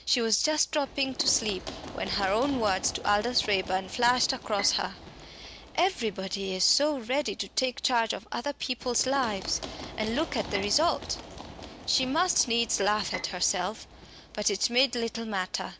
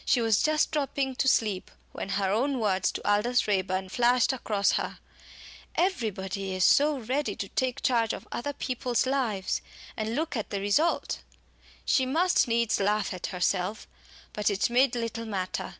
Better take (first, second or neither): second